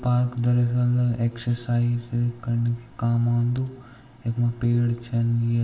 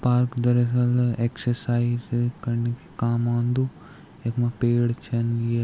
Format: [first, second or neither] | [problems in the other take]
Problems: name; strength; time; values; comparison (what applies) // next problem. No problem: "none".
second | room echo; dies away in 0.8 s